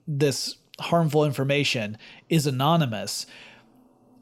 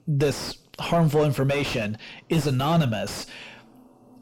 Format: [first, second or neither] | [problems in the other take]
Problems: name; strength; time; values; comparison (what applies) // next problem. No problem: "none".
first | distortion; heavy; 5 dB below the speech